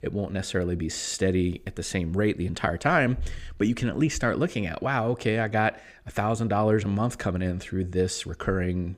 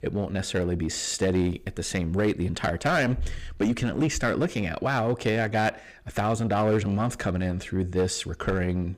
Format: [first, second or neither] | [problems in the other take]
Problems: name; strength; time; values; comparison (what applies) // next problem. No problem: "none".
first | distortion; slight; 7% of the sound clipped